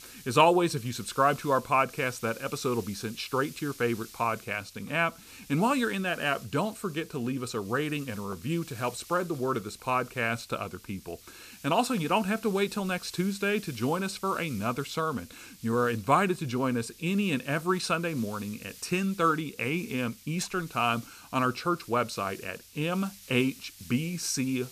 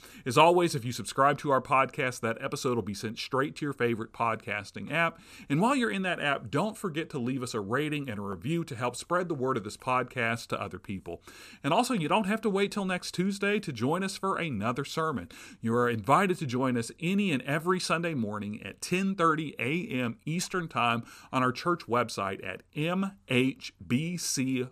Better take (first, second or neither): second